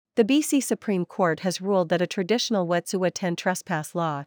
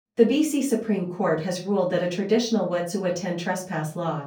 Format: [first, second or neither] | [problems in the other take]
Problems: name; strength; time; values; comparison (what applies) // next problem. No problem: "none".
first | off-mic speech; far // room echo; slight; dies away in 0.3 s